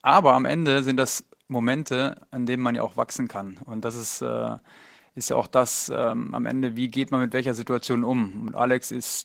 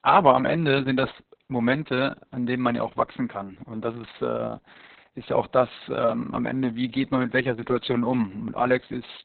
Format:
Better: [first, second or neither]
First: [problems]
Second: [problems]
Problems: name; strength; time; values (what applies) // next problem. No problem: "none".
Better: first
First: garbled, watery; slightly; nothing above 16 kHz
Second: garbled, watery; badly; nothing above 4 kHz